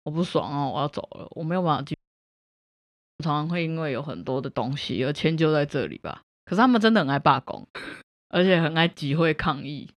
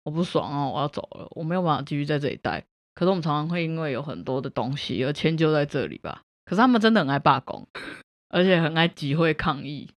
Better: second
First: audio cutting out; at 2 s for 1.5 s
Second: none

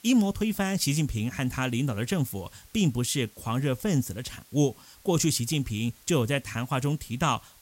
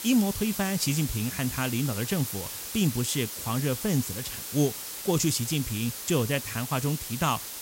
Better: first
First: hiss; faint; throughout; 25 dB below the speech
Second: hiss; loud; throughout; 6 dB below the speech

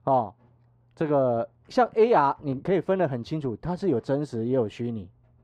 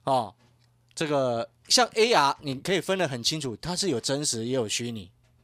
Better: second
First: muffled; very; fading above 2.5 kHz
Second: none

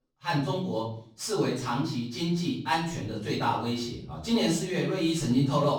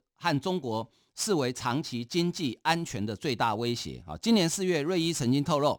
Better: second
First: off-mic speech; far // room echo; noticeable; dies away in 0.5 s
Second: none

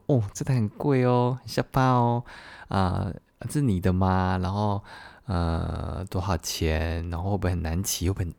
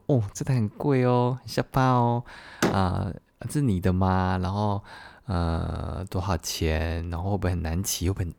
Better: first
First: none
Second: door banging; noticeable; at 2.5 s; peak 1 dB below the speech

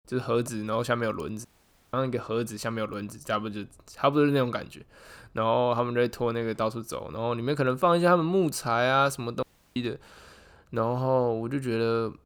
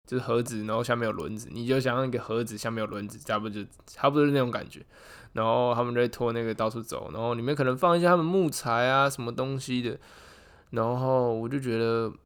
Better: second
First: audio cutting out; at 1.5 s and at 9.5 s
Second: none

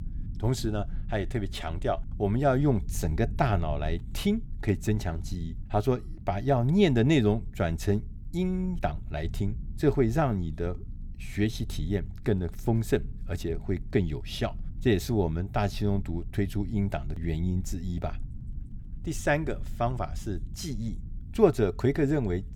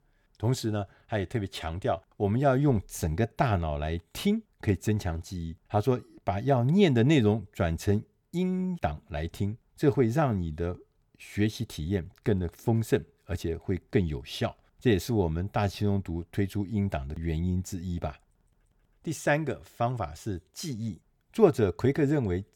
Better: second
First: low rumble; faint; throughout; 25 dB below the speech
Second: none

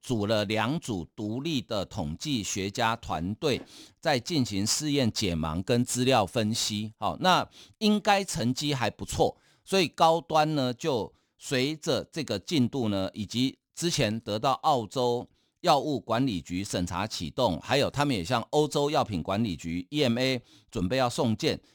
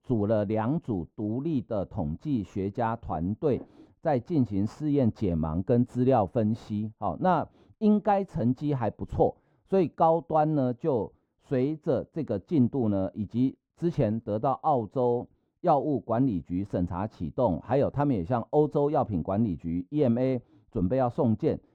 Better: first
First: none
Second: muffled; very; fading above 2 kHz

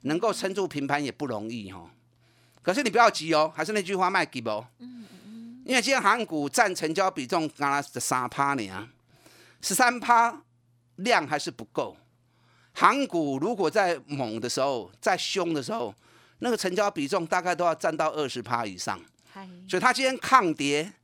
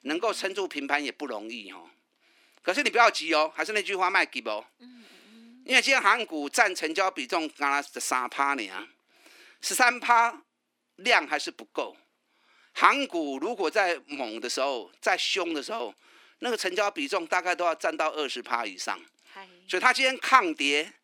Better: first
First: none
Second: thin; very slightly; fading below 250 Hz

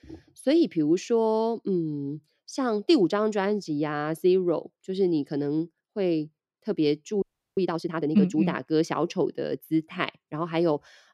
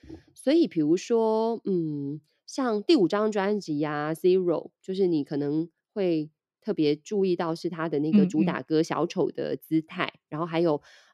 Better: second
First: audio freezing; at 7 s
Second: none

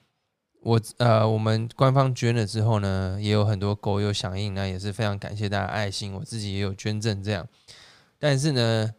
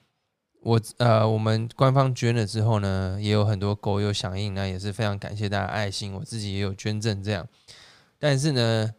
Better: neither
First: none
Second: none

